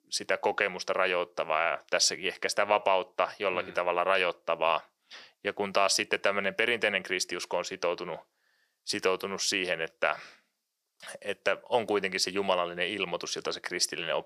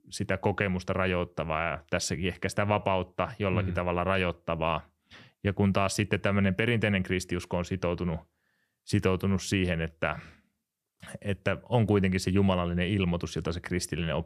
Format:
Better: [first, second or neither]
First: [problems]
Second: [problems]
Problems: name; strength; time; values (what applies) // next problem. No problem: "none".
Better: second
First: thin; very; fading below 550 Hz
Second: none